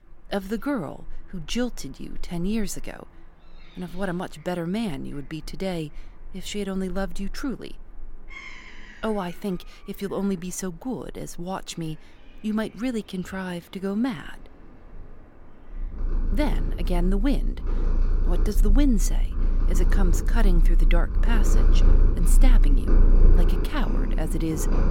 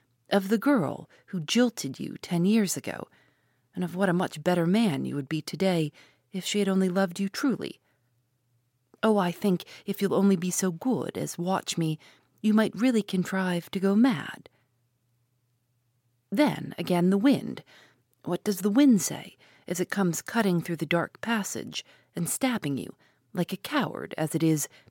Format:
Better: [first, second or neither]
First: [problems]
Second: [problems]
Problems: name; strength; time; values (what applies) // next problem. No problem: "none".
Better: second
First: animal sounds; very loud; throughout; 5 dB above the speech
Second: none